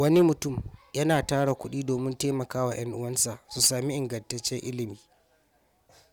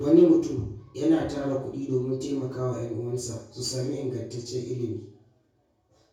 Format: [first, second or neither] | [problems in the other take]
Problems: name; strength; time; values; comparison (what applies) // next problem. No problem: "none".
first | room echo; dies away in 0.6 s